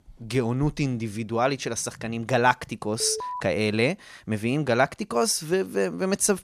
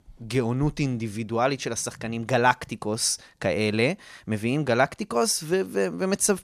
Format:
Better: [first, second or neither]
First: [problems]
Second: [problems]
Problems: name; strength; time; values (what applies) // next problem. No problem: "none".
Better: second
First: alarm; noticeable; at 3 s; peak 8 dB below the speech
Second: none